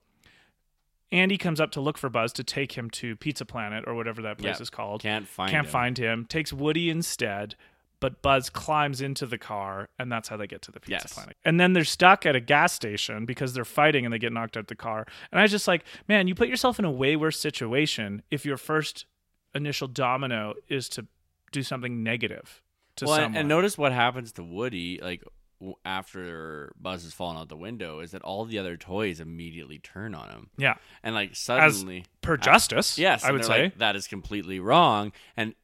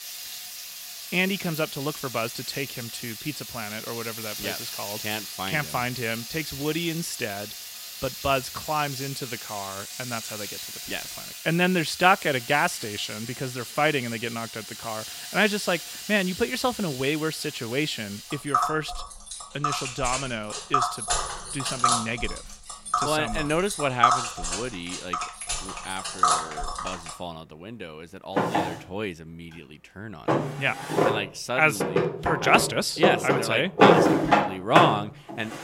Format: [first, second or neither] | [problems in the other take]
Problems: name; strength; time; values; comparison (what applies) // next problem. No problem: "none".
first | household noises; loud; throughout; 1 dB below the speech